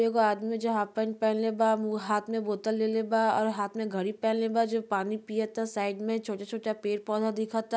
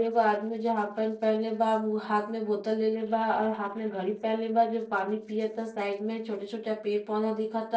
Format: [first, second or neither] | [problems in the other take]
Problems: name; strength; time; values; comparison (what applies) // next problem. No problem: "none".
first | noise reduction (neural separator model SepFormer DNS4)